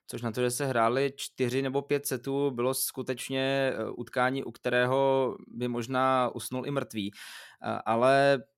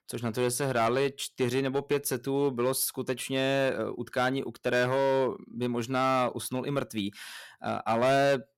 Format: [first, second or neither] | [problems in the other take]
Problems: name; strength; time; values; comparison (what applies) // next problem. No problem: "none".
first | distortion; slight; 5% of the sound clipped